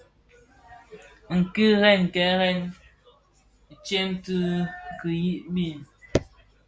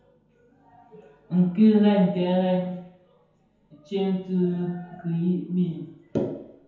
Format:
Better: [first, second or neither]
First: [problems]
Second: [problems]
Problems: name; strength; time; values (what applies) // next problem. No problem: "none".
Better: first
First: none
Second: room echo; dies away in 0.9 s